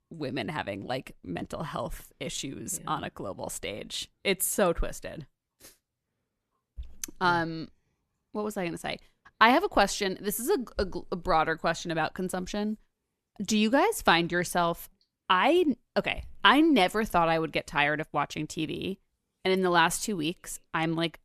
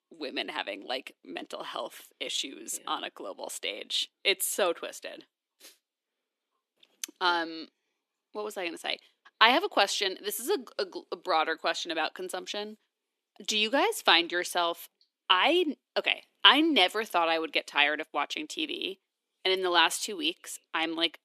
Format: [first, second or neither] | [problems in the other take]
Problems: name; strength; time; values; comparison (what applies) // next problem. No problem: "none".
first | thin; very slightly; fading below 300 Hz